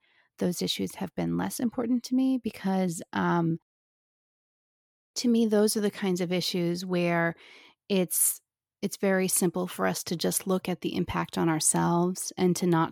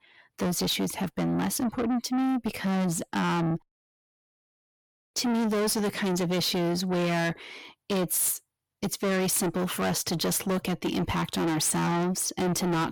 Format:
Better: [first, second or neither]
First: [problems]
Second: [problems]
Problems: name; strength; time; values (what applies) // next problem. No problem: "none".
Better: first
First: none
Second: distortion; heavy; 6 dB below the speech